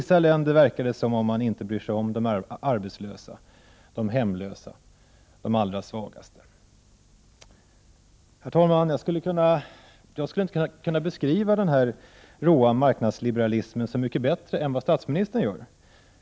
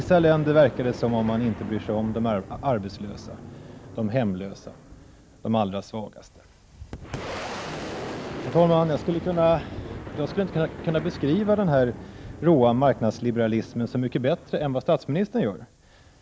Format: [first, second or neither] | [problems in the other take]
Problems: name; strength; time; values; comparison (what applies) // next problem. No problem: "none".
first | background sound (Boom); 13 dB below the speech